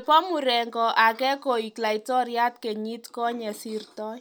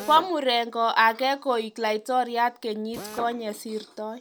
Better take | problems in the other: first | background sound (Drill); 18 dB below the speech

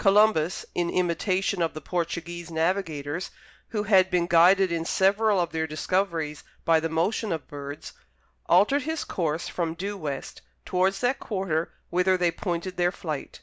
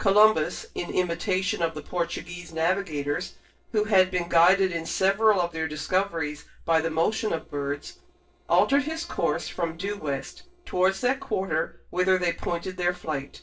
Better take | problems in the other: first | noise reduction (neural separator model SepFormer DNS4)

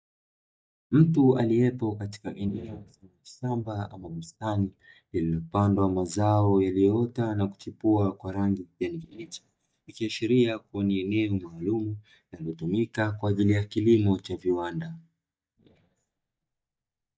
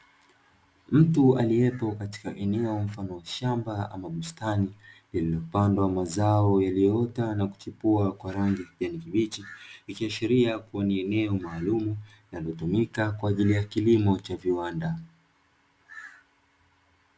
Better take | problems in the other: second | noise reduction (neural mask model DeepFilterNet 3)

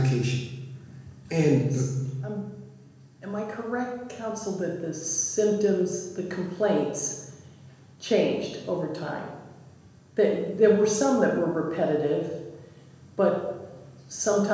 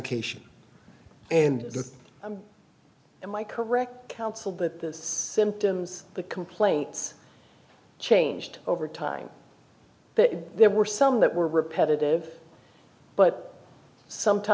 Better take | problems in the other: second | room echo; dies away in 1.1 s

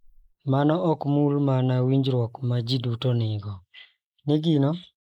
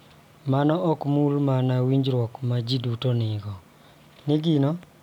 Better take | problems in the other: second | noise reduction (neural mask model Resemble Enhance denoiser)

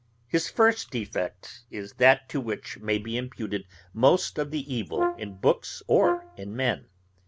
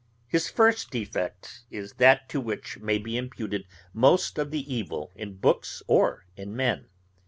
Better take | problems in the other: second | background sound (Brass instrument); 5 dB below the speech

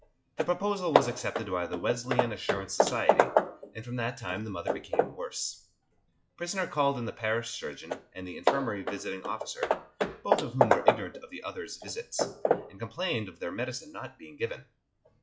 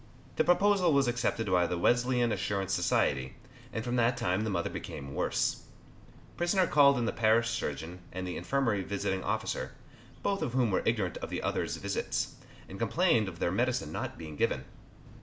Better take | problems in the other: second | noise reduction (classical method log-MMSE)

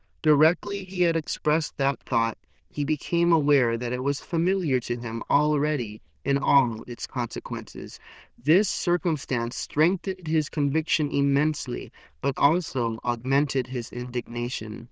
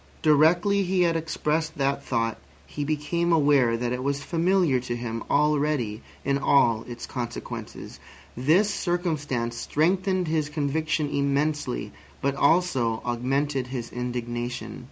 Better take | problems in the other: second | noise reduction (neural diffusion model UNIVERSE++)

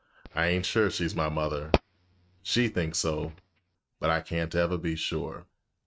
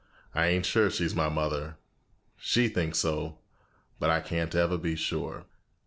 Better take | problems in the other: second | noise reduction (neural mask model RNNoise)

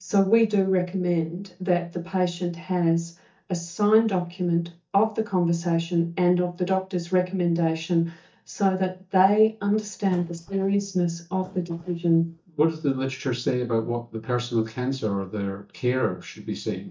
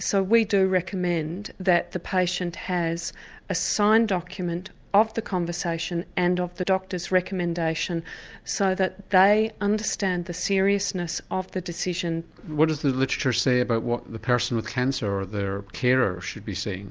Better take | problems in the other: second | noise reduction (neural mask model DeepFilterNet 3)

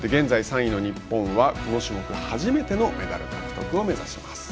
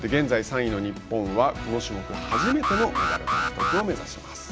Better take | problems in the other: first | background sound (Alarm); as loud as the speech

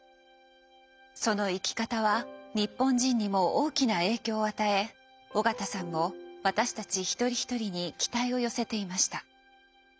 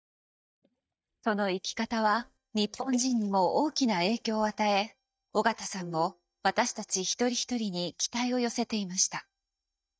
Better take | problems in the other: first | noise reduction (neural mask model DeepFilterNet 3)

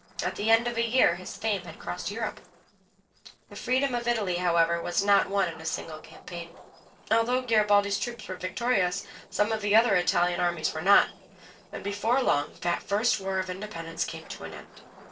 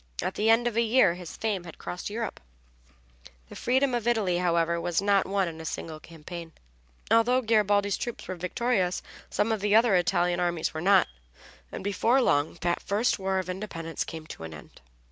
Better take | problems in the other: second | noise reduction (neural separator model SepFormer DNS4)

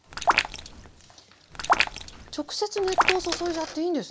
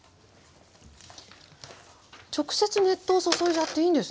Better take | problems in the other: second | background sound (Raindrop); 3 dB above the speech

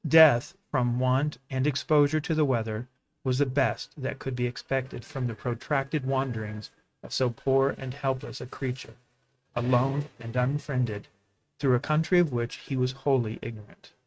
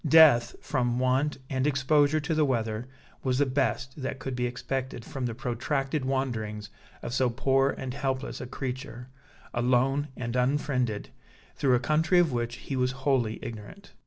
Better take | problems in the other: second | noise reduction (neural mask model RNNoise)

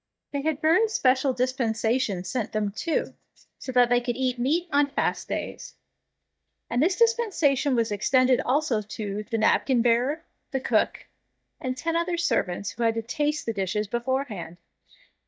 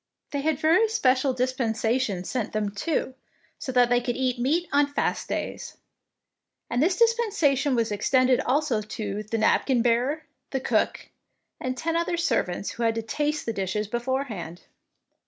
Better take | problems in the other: second | noise reduction (neural mask model DeepFilterNet 3)

